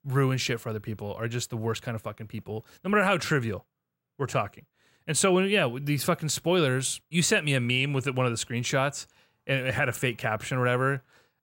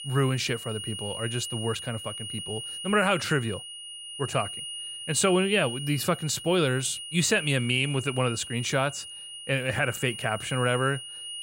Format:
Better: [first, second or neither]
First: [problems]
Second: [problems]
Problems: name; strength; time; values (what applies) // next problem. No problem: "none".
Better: first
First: none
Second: high-pitched whine; loud; throughout; 3 kHz, 9 dB below the speech